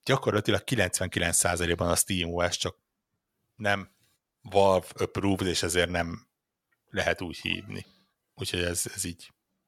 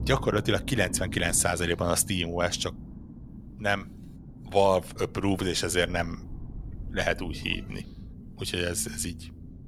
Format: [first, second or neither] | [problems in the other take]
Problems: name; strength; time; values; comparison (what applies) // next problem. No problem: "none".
first | low rumble; faint; throughout; 20 dB below the speech